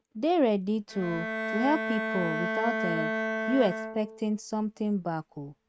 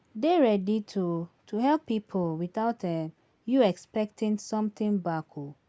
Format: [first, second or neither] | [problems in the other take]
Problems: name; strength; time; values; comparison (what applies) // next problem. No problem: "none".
second | noise reduction (neural mask model RNNoise)